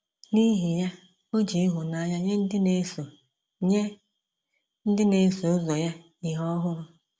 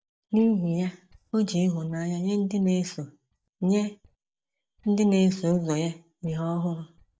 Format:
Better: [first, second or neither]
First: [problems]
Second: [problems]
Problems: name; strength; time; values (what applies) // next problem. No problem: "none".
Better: first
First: none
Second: noise reduction (neural mask model DeepFilterNet 3)